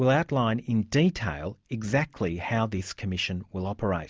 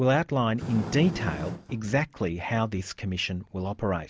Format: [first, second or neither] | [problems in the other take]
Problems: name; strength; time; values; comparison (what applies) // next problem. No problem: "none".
first | background sound (Fire); 12 dB below the speech